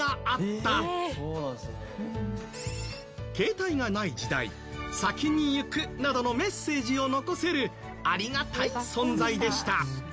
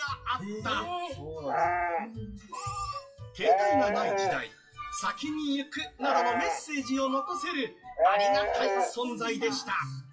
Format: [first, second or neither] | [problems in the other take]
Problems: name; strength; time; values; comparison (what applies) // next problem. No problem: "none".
first | noise reduction (classical method WPE with log-MMSE)